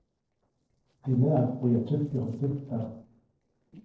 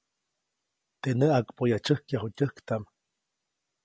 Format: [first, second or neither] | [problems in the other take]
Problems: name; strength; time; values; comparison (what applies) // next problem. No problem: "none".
second | noise reduction (neural separator model SepFormer DNS4)